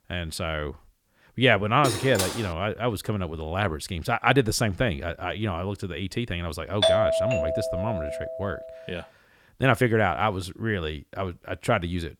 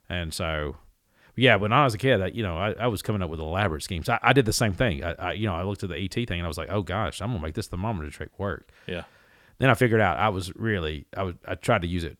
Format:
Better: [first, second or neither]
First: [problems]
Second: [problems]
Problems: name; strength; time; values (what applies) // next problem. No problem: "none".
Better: second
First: clattering dishes; noticeable; at 2 s; peak 2 dB below the speech // doorbell; loud; from 7 to 8.5 s; peak 6 dB above the speech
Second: none